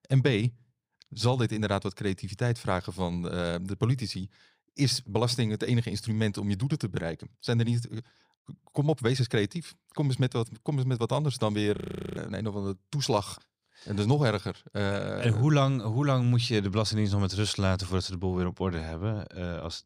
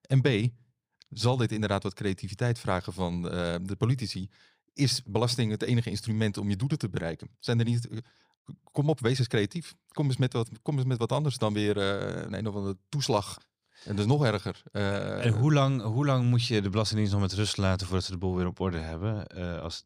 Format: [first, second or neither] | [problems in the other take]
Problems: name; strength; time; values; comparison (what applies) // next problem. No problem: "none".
second | audio freezing; at 12 s